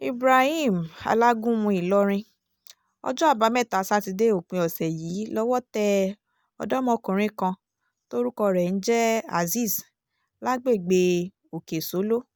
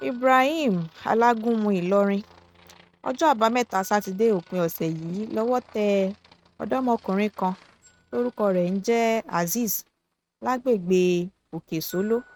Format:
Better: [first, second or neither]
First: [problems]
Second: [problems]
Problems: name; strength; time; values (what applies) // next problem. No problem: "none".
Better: first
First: none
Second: noise reduction (neural mask model RNNoise)